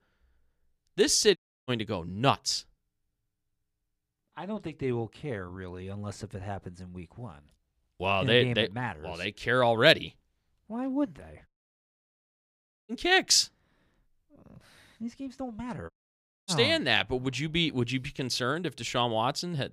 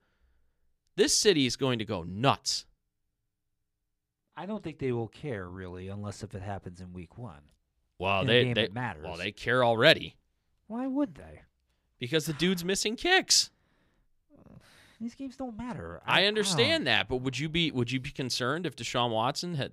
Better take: second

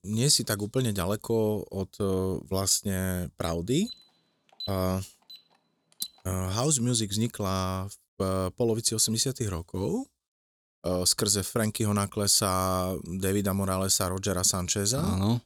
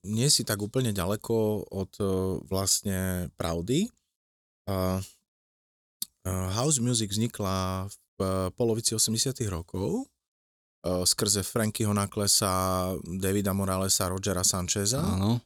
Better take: second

